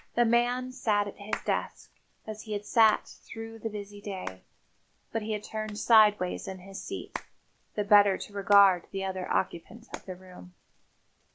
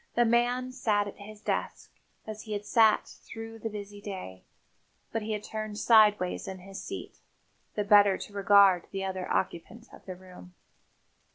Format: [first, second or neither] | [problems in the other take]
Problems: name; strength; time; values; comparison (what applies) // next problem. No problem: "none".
second | background sound (Hands); 18 dB below the speech